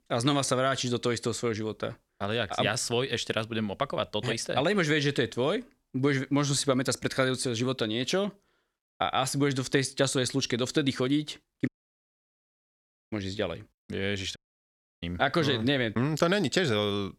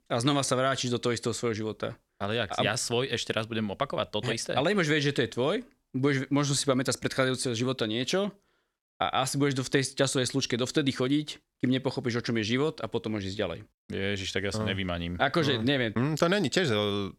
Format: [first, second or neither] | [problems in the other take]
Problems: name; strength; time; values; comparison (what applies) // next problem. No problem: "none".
second | audio cutting out; at 12 s for 1.5 s and at 14 s for 0.5 s